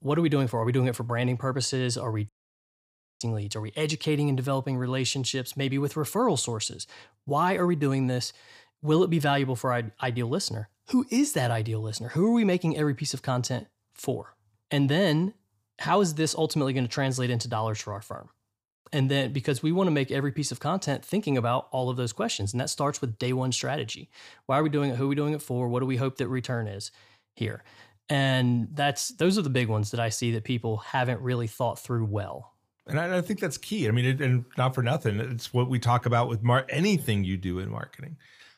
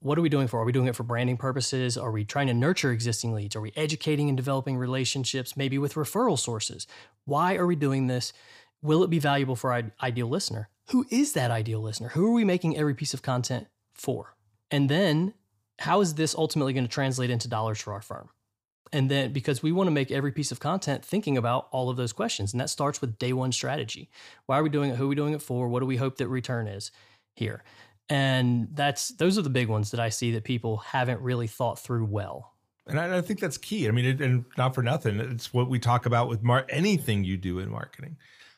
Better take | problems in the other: second | audio cutting out; at 2.5 s for 1 s

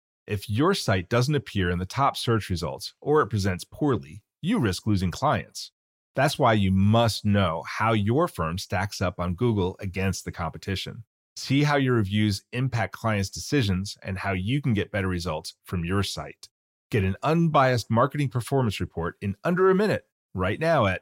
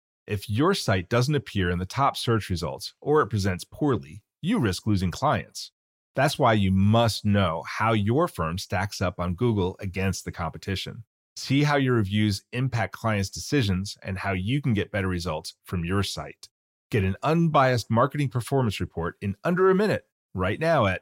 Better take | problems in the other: neither | none

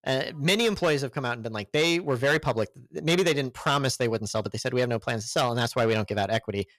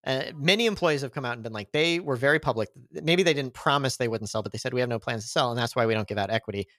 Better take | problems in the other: second | distortion; slight; 5% of the sound clipped

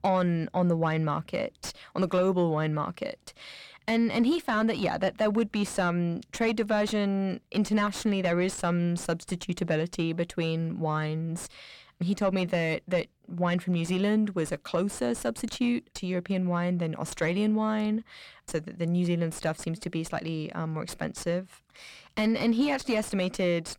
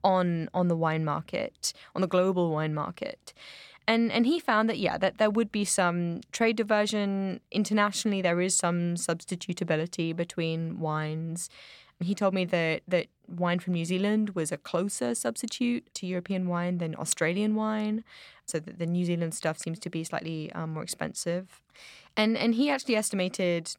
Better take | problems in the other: second | distortion; slight; 10 dB below the speech

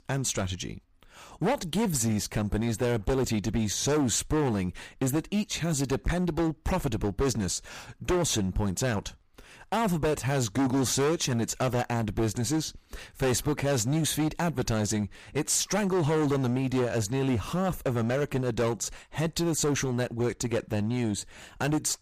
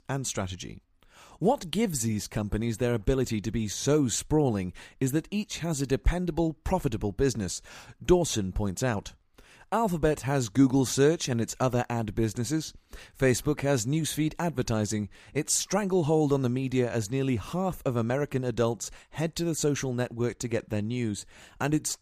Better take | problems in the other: second | distortion; heavy; 15% of the sound clipped

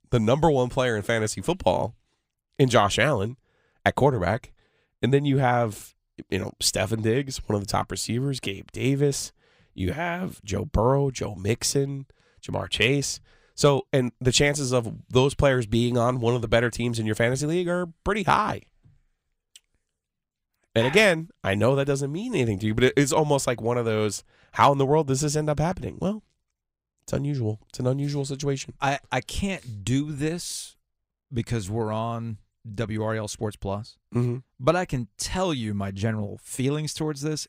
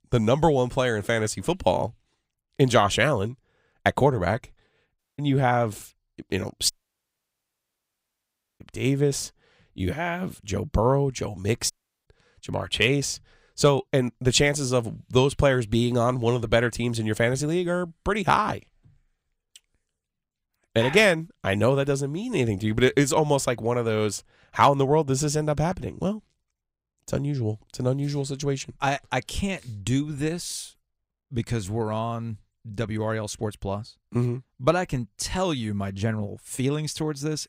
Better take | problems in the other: first | audio cutting out; at 5 s, at 6.5 s for 2 s and at 12 s

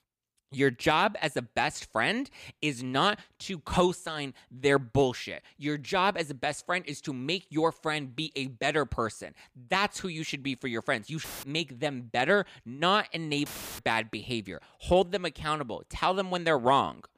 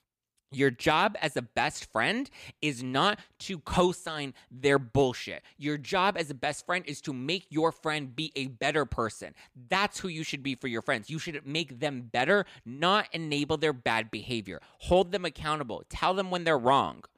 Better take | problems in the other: second | audio cutting out; filled with static; at 11 s and at 13 s

